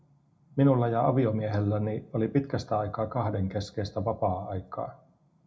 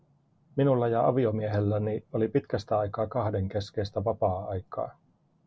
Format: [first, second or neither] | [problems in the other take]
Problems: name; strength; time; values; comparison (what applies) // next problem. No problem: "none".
second | room echo; dies away in 0.3 s